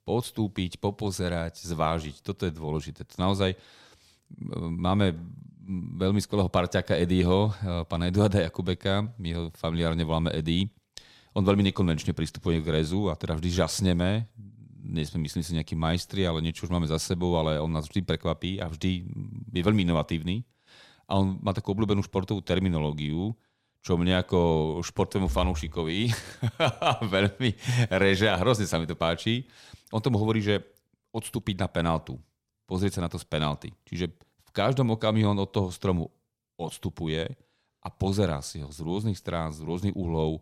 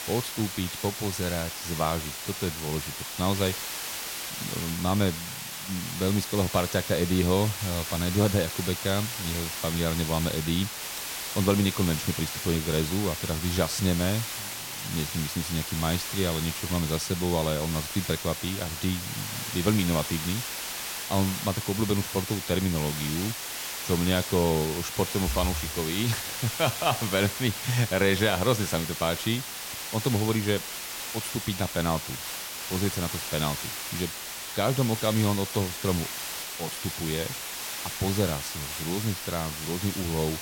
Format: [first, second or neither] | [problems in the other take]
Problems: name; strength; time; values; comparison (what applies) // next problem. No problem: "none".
first | hiss; loud; throughout; 4 dB below the speech